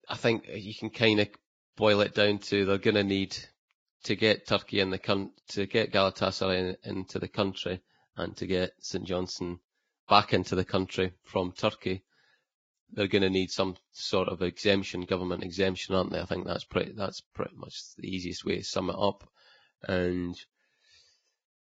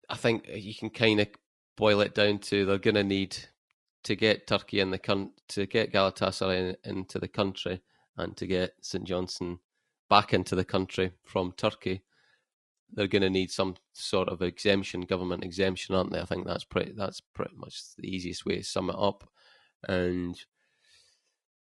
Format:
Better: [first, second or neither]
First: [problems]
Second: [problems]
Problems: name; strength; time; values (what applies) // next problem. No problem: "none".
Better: second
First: garbled, watery; badly; nothing above 7.5 kHz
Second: garbled, watery; slightly; nothing above 11 kHz